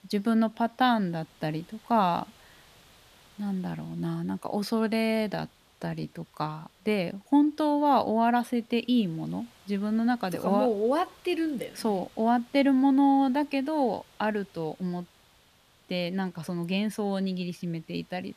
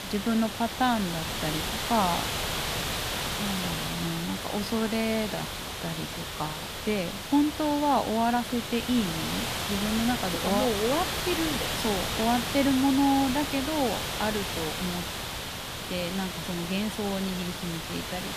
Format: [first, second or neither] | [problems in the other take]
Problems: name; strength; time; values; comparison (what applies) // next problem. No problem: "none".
first | hiss; loud; throughout; 2 dB below the speech; faint in the first